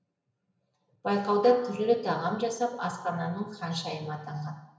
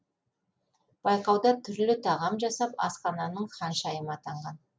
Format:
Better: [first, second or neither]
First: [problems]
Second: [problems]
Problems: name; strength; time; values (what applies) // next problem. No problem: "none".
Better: second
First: background sound (Snare drum); 20 dB below the speech // room echo; dies away in 0.9 s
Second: none